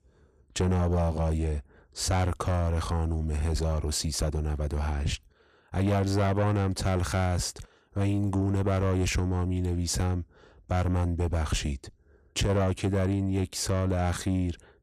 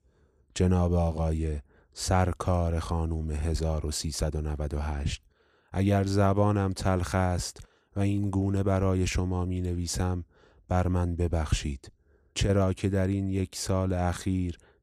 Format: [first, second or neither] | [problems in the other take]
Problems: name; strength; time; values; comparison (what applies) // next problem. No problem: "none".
second | distortion; slight; 10 dB below the speech